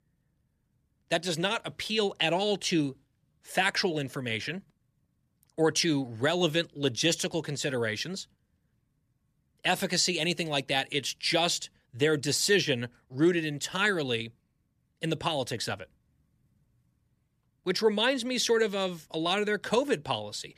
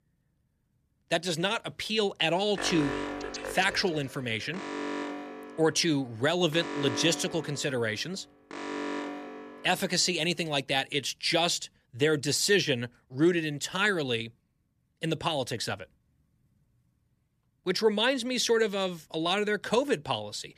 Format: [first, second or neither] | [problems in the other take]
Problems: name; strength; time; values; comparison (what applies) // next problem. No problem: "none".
first | alarm; noticeable; from 2.5 to 9.5 s; peak 5 dB below the speech